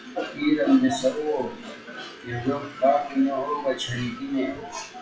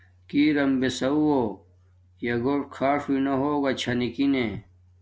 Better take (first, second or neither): second